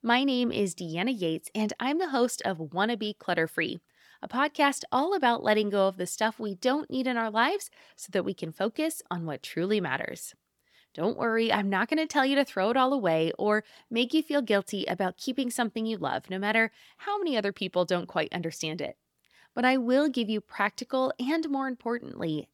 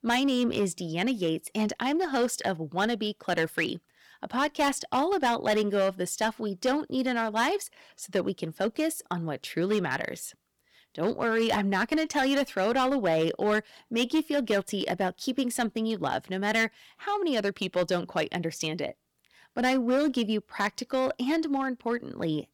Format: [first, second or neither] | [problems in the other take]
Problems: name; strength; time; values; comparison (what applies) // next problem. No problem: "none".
first | distortion; slight; 6% of the sound clipped